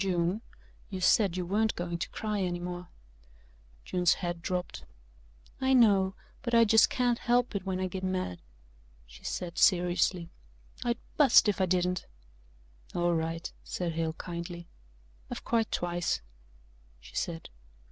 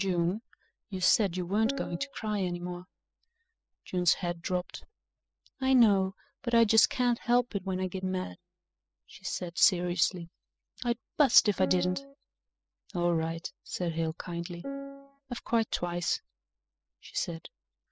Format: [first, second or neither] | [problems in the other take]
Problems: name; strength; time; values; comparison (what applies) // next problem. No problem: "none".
first | noise reduction (classical method spectral subtraction)